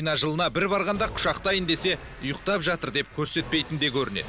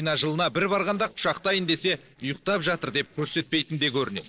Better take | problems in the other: first | noise reduction (neural separator model SepFormer DNS4)

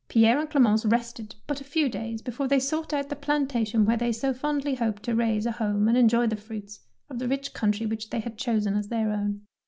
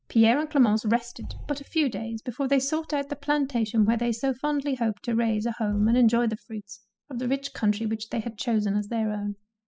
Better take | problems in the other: first | noise reduction (classical method spectral subtraction)

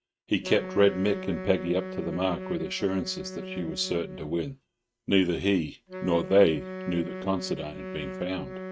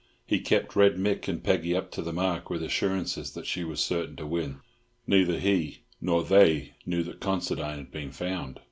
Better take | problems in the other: second | noise reduction (neural mask model RNNoise)

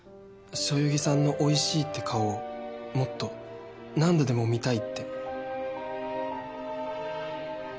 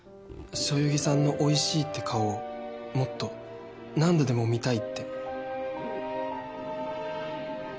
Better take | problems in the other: first | background sound (Zipper (clothing)); 19 dB below the speech

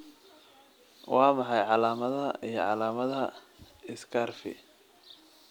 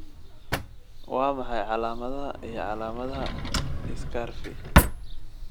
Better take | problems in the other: first | background sound (Drawer open or close); 5 dB above the speech

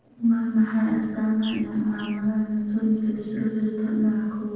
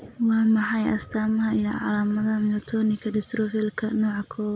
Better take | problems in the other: second | noise reduction (neural separator model SepFormer DNS4)

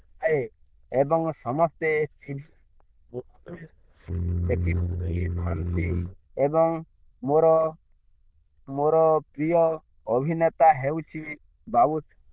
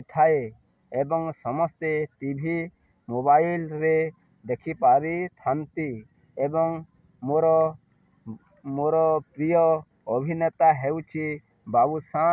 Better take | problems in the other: second | noise reduction (neural diffusion model UNIVERSE++)

